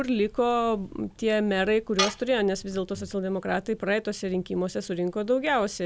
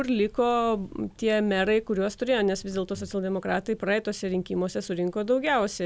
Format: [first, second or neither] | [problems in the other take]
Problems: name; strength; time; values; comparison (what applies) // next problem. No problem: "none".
second | background sound (Tools); 11 dB below the speech